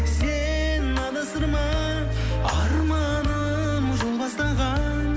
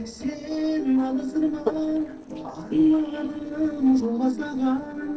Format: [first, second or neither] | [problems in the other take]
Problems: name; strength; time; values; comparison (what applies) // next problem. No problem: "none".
first | noise reduction (neural separator model SepFormer DNS4)